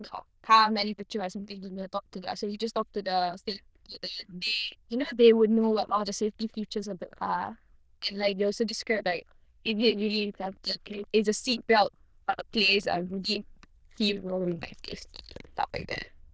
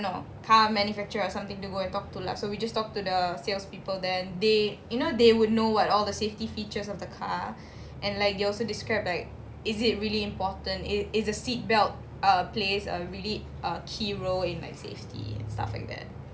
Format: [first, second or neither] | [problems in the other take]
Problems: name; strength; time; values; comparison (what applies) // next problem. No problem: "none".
second | noise reduction (neural diffusion model UNIVERSE++)